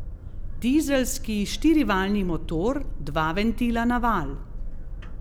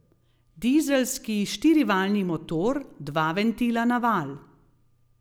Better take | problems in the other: second | background sound (Boat, Water vehicle); 6 dB below the speech

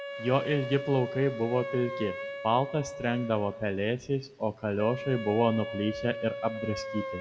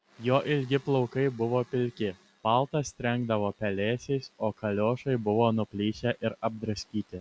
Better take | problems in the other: second | background sound (Wind instrument, woodwind instrument); 9 dB below the speech // room echo; dies away in 1 s

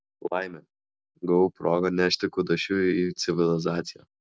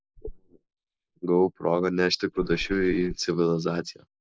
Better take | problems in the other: first | noise reduction (neural mask model Resemble Enhance denoiser)

